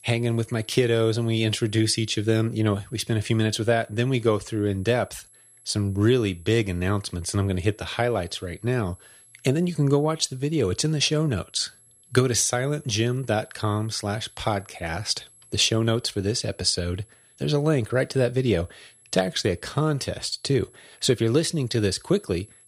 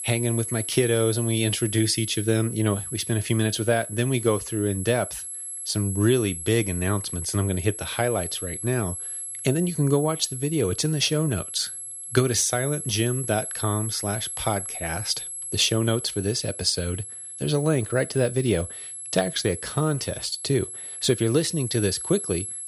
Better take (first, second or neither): first